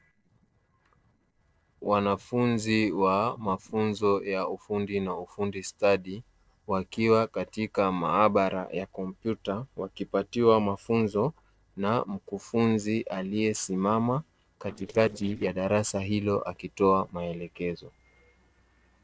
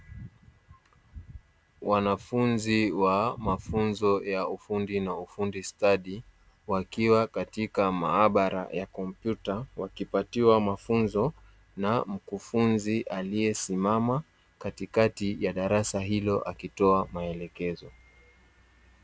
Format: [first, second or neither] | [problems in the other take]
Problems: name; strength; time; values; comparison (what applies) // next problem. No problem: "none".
second | noise reduction (neural separator model SepFormer DNS4)